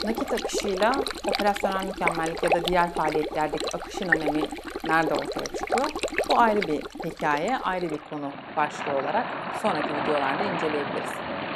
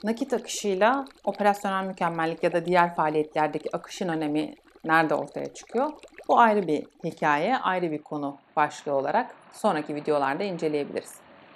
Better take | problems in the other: second | rain or running water; loud; throughout; 2 dB below the speech; faint in the second

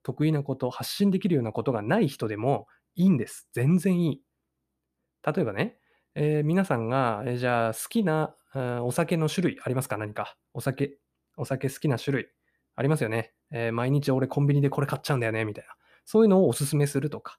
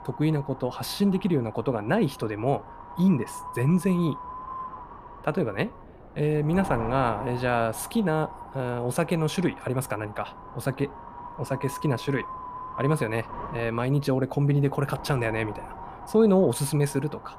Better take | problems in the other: first | wind noise on the microphone; heavy; 9 dB below the speech

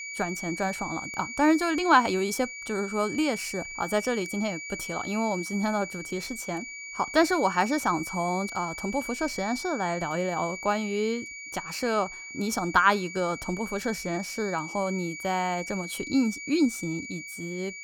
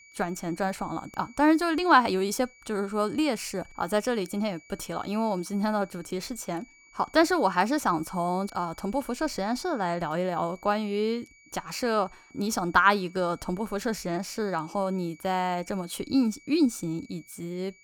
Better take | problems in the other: second | high-pitched whine; loud; throughout; 2.5 kHz, 8 dB below the speech; faint in the second

